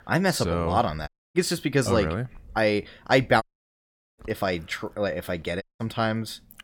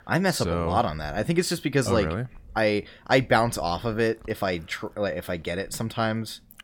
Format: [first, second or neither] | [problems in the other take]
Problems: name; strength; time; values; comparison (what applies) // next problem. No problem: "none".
second | audio cutting out; at 1 s, at 3.5 s for 1 s and at 5.5 s